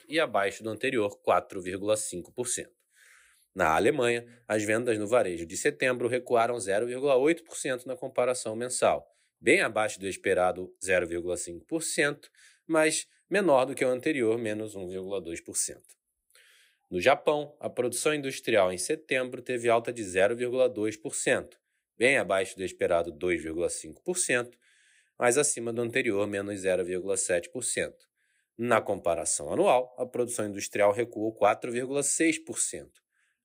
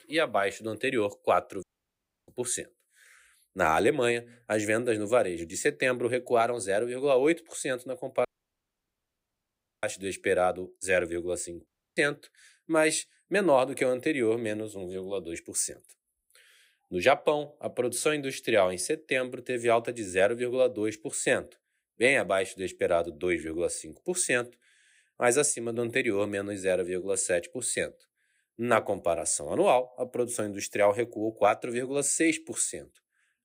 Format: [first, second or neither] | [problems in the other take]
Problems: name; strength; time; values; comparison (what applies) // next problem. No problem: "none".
first | audio cutting out; at 1.5 s for 0.5 s, at 8.5 s for 1.5 s and at 12 s